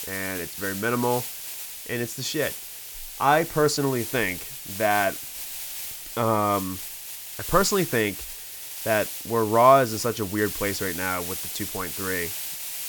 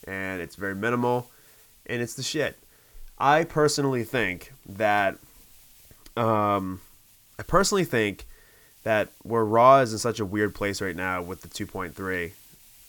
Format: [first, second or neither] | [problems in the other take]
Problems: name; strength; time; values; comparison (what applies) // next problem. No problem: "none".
second | hiss; loud; throughout; 7 dB below the speech; faint in the second